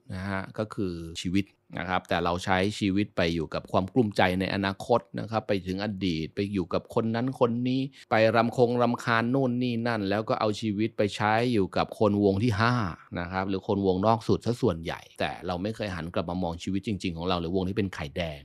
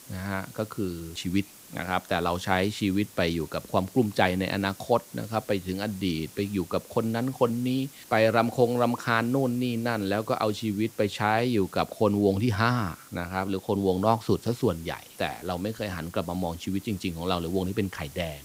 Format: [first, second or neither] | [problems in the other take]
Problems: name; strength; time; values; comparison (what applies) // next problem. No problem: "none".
first | hiss; noticeable; throughout; 20 dB below the speech